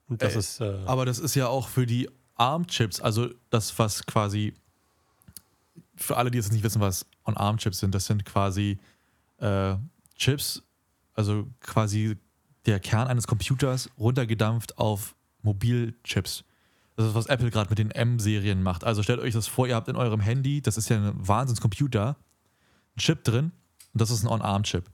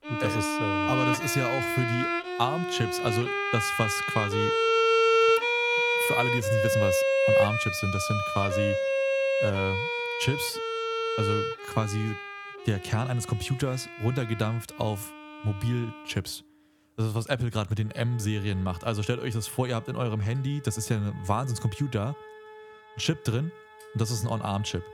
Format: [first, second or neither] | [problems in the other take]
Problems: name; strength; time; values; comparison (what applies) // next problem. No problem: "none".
first | background music; very loud; throughout; 4 dB above the speech